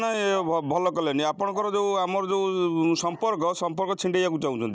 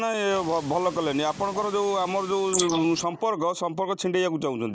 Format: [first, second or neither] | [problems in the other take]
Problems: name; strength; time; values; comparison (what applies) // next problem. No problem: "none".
first | noise reduction (neural mask model Resemble Enhance denoiser)